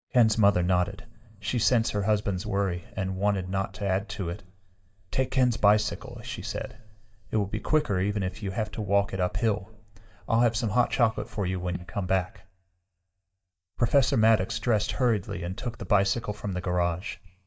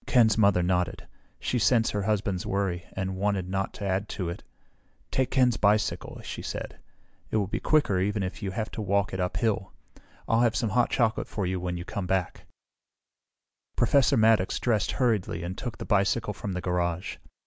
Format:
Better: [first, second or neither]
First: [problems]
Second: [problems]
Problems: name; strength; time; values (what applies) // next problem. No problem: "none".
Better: second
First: noise reduction (neural mask model DeepFilterNet 3)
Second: none